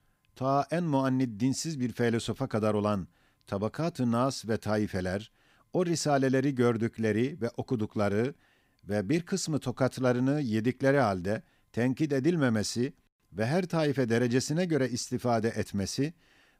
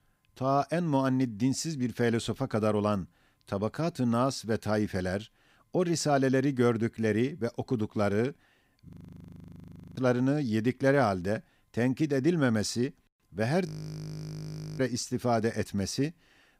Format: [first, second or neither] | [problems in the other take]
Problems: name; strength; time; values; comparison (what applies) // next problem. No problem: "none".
first | audio freezing; at 9 s for 1 s and at 14 s for 1 s